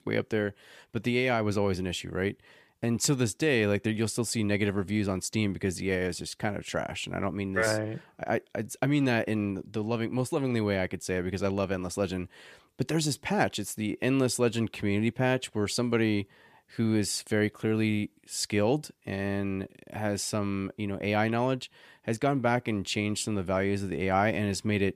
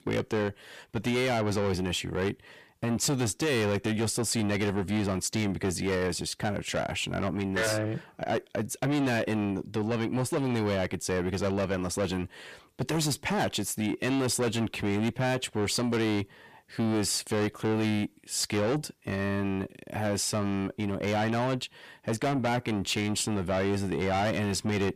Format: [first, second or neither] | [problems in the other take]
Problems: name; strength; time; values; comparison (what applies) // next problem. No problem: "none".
first | distortion; heavy; 7 dB below the speech